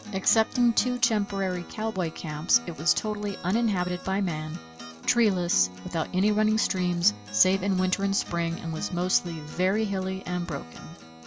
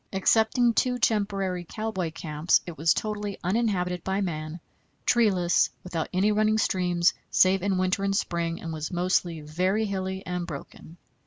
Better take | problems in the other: second | background sound (Acoustic guitar); 15 dB below the speech

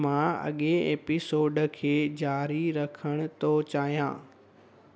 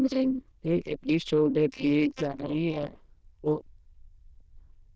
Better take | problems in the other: first | noise reduction (neural diffusion model UNIVERSE++)

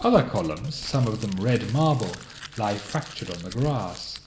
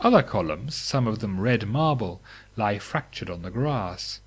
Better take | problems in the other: second | background sound (Crumpling, crinkling); 17 dB below the speech // room echo; dies away in 2 s

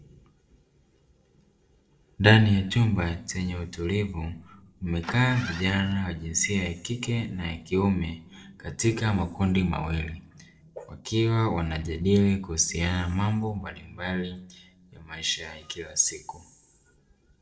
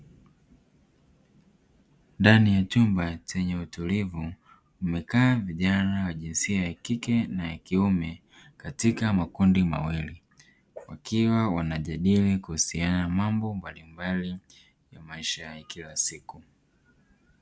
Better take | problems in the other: second | noise reduction (neural separator model SepFormer DNS4)

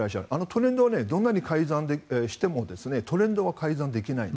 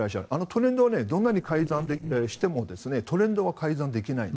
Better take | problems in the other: first | noise reduction (neural separator model SepFormer DNS4)

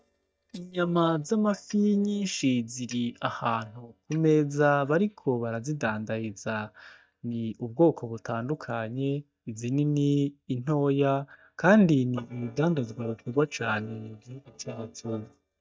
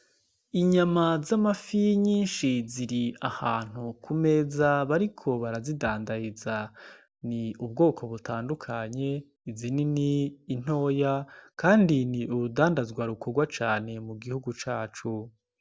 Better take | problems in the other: second | noise reduction (neural mask model DeepFilterNet 3)

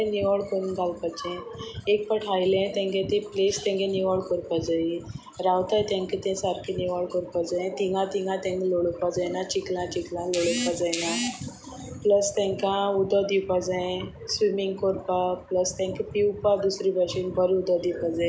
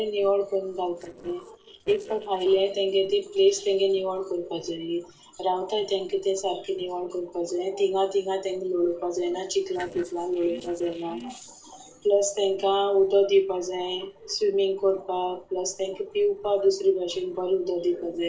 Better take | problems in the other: first | noise reduction (neural separator model SepFormer DNS4)

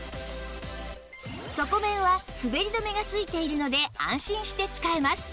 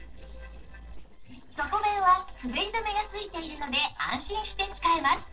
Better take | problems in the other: first | noise reduction (neural separator model SepFormer DNS4)

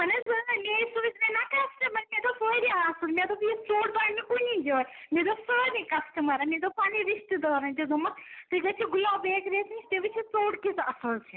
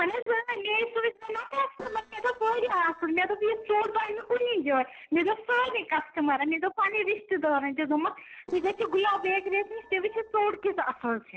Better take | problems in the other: first | noise reduction (neural separator model SepFormer DNS4)

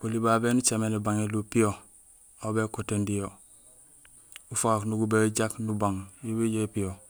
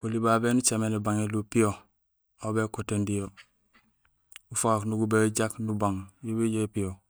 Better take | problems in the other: first | noise reduction (neural mask model DeepFilterNet 3)

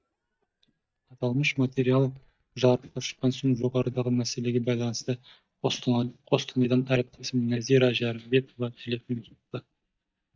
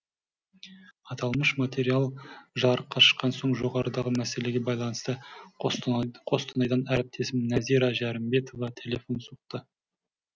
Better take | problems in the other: second | noise reduction (neural mask model DeepFilterNet 3)

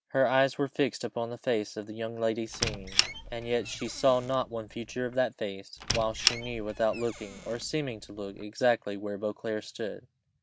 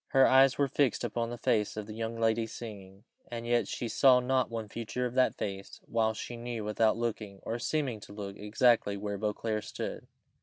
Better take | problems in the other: second | background sound (Squeak); 5 dB below the speech

